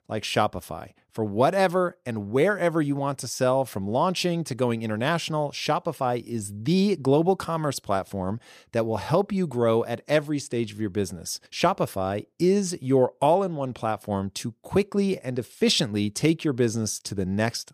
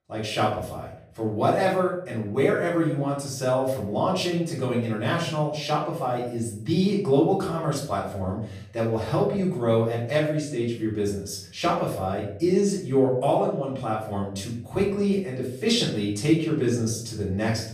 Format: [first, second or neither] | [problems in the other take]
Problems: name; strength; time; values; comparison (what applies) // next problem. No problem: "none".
first | room echo; noticeable; dies away in 0.5 s // off-mic speech; far